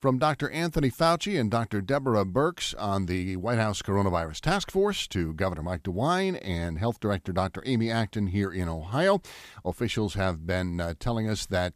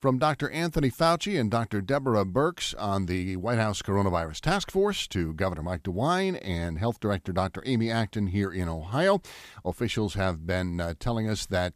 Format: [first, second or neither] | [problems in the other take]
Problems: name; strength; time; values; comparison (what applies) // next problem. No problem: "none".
neither | none